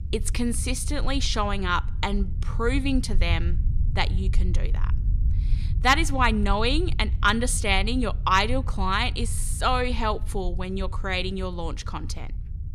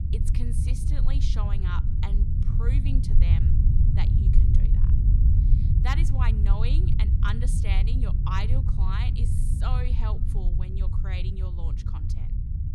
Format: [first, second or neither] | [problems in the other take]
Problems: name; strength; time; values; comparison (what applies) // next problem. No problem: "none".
first | low rumble; loud; throughout; 2 dB below the speech; faint in the first